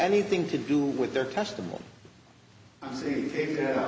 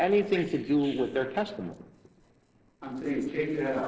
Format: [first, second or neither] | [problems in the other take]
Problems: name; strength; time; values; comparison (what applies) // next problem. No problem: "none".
first | noise reduction (neural separator model SepFormer DNS4)